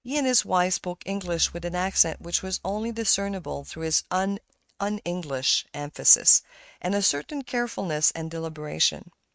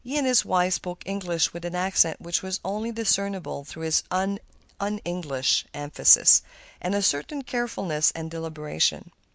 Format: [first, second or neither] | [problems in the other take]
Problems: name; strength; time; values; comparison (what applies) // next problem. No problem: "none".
second | noise reduction (neural mask model RNNoise)